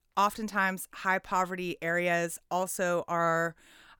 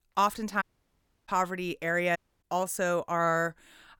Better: first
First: none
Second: audio cutting out; at 0.5 s for 0.5 s and at 2 s

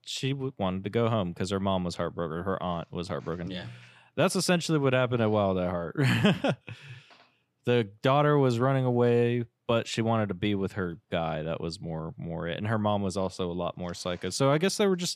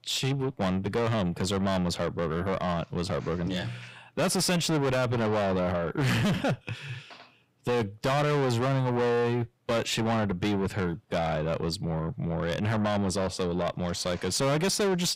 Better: first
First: none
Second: distortion; heavy; 5 dB below the speech

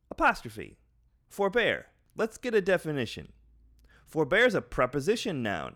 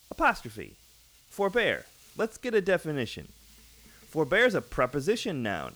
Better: first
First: none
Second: hiss; faint; throughout; 25 dB below the speech

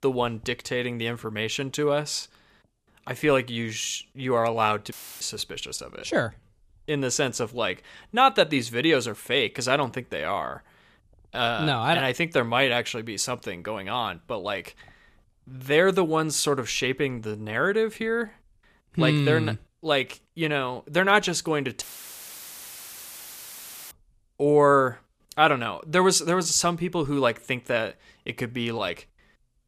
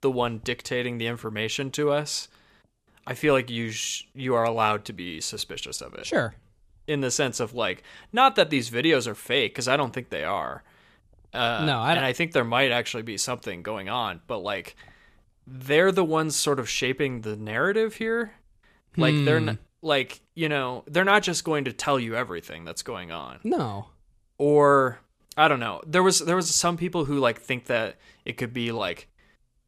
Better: second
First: audio cutting out; filled with static; at 5 s and at 22 s for 2 s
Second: none

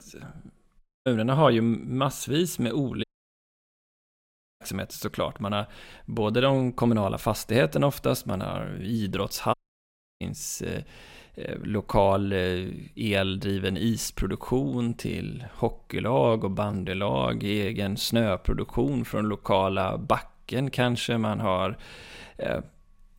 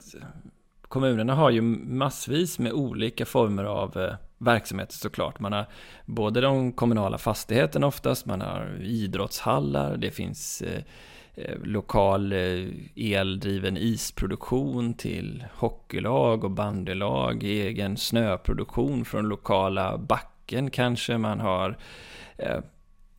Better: second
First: audio cutting out; at 1 s, at 3 s for 1.5 s and at 9.5 s for 0.5 s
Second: none

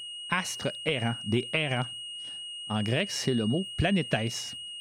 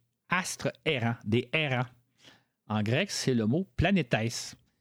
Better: second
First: high-pitched whine; loud; throughout; 3 kHz, 7 dB below the speech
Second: none

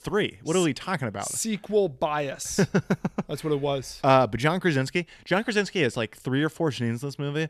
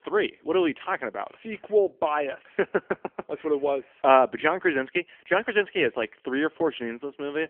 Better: first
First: none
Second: phone-call audio; poor line; nothing above 3 kHz

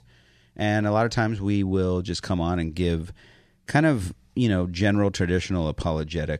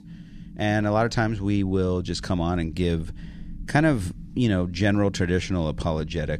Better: first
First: none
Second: low rumble; faint; throughout; 25 dB below the speech

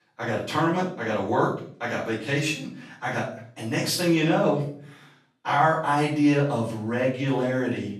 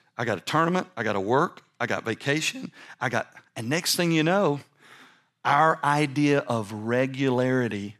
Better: second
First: off-mic speech; far // room echo; noticeable; dies away in 0.5 s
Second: none

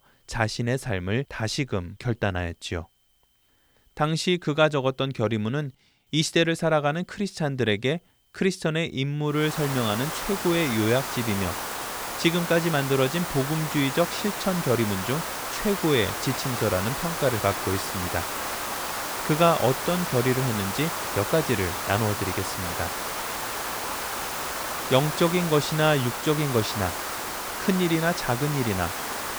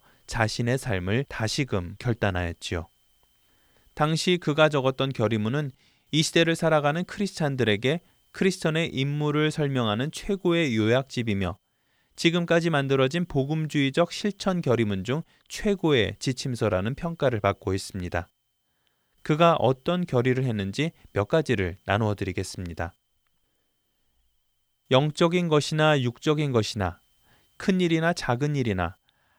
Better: second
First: hiss; loud; from 9.5 s on; 4 dB below the speech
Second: none

